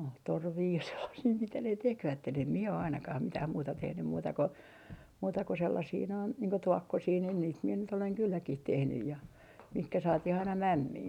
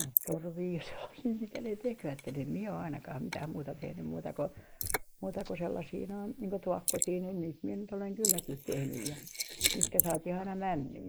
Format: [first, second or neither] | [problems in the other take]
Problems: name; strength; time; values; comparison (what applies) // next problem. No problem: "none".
first | noise reduction (neural mask model Resemble Enhance denoiser)